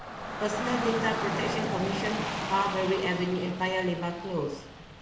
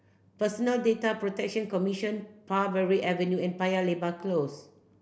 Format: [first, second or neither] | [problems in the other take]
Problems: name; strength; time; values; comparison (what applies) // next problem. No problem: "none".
second | background sound (Rain / Dog); 3 dB below the speech // room echo; dies away in 0.9 s